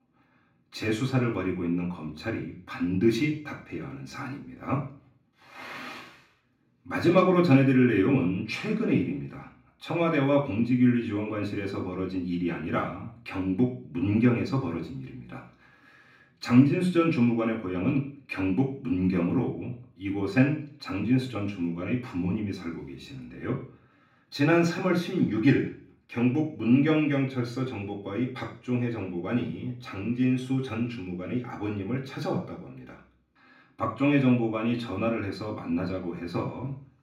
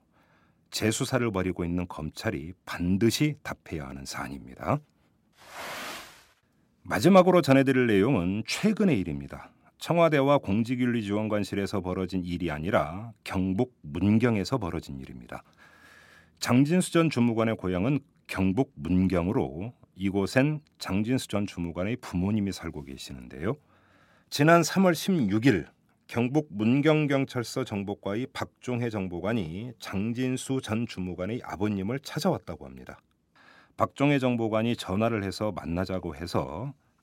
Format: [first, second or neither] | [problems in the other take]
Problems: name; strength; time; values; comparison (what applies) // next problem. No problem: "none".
second | room echo; slight; dies away in 0.5 s // off-mic speech; far